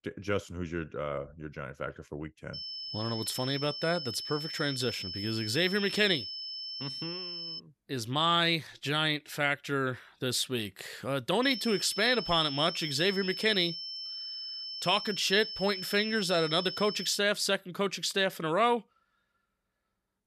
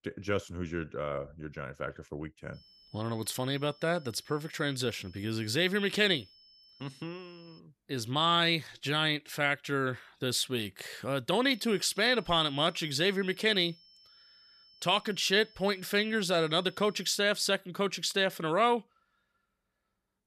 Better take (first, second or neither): second